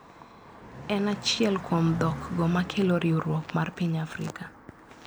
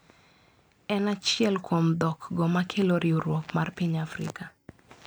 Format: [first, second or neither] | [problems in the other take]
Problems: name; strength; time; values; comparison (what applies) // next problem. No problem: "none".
second | background sound (Car passing by); 14 dB below the speech